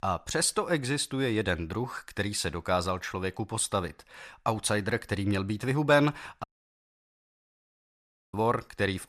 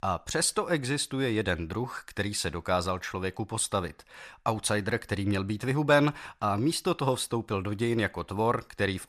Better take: second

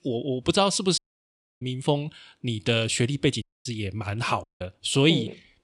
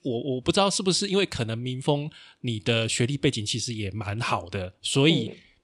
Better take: second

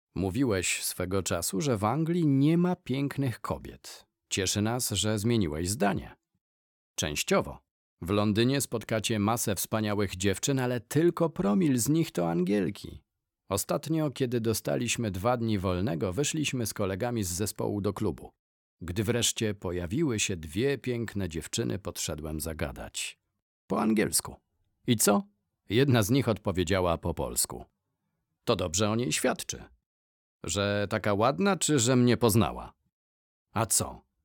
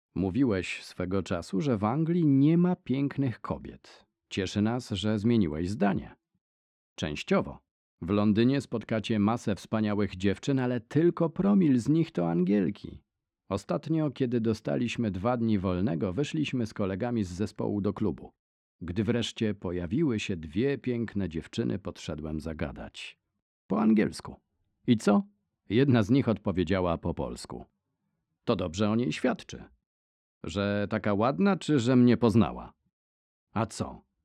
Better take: first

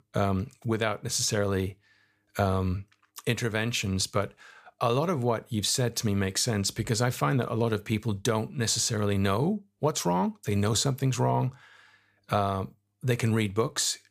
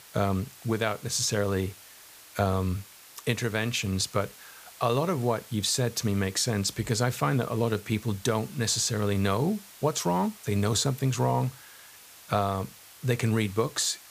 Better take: first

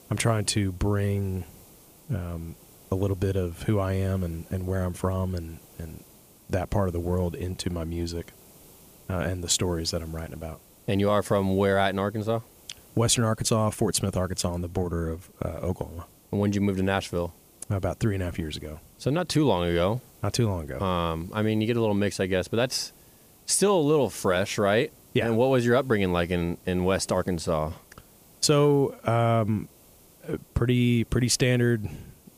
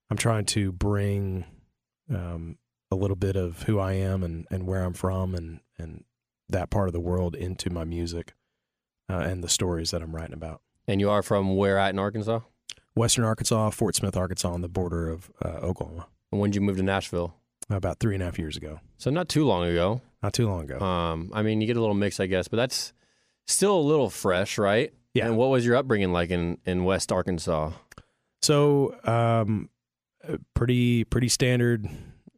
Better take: second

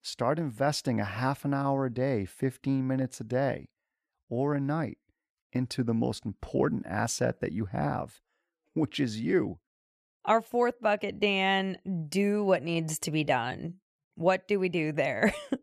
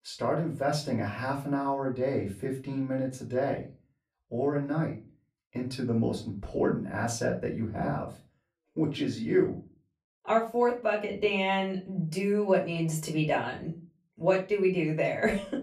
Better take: first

